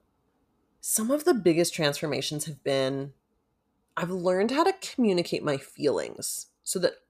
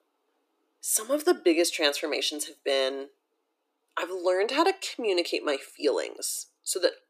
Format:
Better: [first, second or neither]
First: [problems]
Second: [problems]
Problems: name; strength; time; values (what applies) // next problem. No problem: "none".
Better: first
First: none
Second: thin; somewhat; fading below 300 Hz